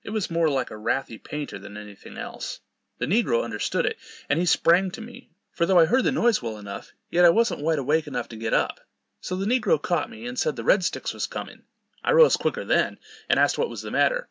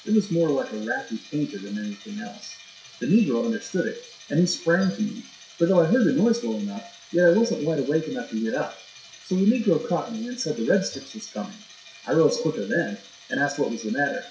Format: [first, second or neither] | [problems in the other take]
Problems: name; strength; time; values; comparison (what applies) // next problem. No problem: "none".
first | noise reduction (classical method WPE with log-MMSE)